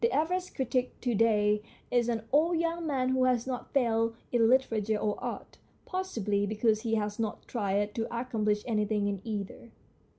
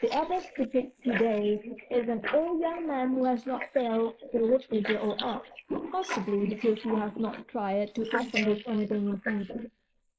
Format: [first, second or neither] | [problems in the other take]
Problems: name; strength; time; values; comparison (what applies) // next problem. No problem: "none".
first | noise reduction (neural mask model Resemble Enhance denoiser)